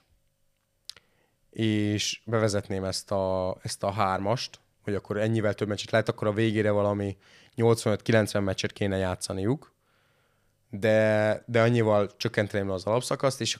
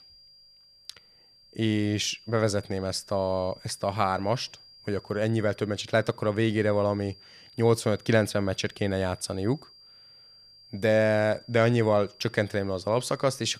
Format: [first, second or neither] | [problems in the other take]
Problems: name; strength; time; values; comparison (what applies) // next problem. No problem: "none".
first | high-pitched whine; faint; throughout; 5 kHz, 25 dB below the speech